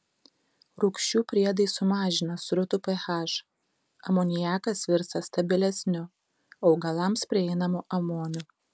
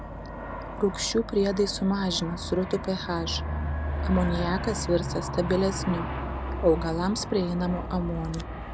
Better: first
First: none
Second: background sound (Aircraft); 5 dB below the speech

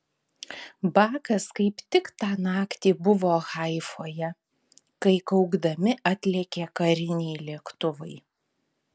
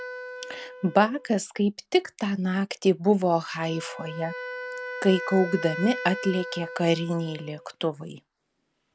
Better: first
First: none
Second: background sound (Wind instrument, woodwind instrument); 12 dB below the speech

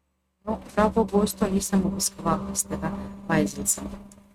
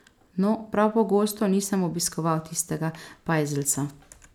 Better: second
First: noise reduction (neural mask model RNNoise)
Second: none

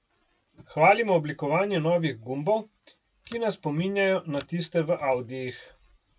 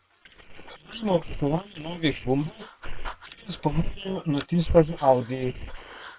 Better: first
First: none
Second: noise reduction (neural separator model SepFormer WHAM!)

